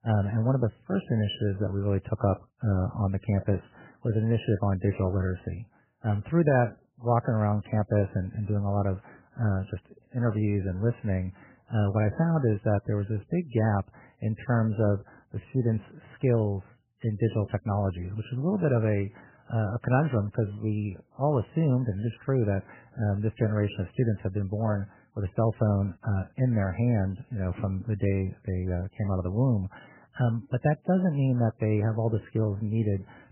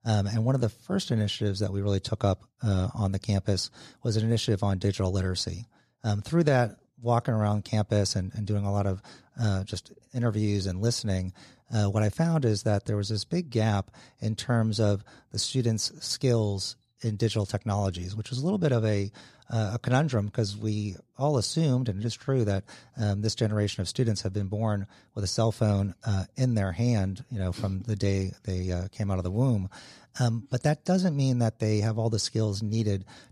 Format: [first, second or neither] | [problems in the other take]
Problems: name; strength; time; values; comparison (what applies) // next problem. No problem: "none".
second | garbled, watery; badly; nothing above 3 kHz